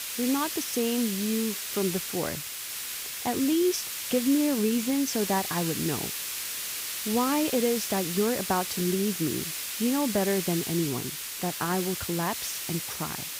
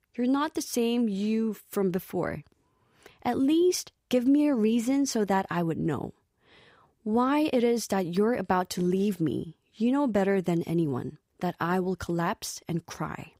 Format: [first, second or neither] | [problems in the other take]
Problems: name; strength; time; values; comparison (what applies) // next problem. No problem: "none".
second | hiss; loud; throughout; 3 dB below the speech